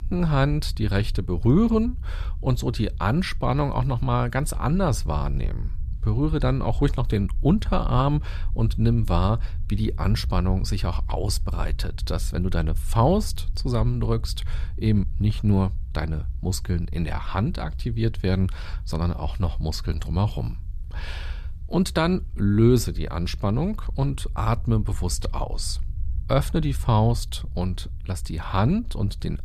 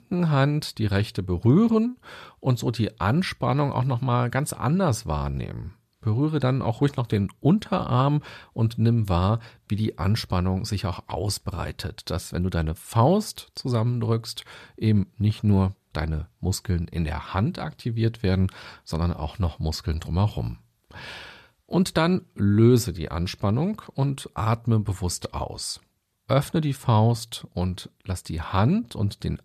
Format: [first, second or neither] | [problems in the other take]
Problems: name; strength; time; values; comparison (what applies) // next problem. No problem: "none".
second | low rumble; faint; throughout; 25 dB below the speech